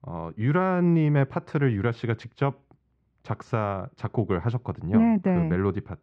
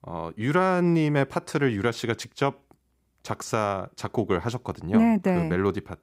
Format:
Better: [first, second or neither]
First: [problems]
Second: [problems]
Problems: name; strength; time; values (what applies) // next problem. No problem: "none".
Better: second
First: muffled; slightly; fading above 2.5 kHz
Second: none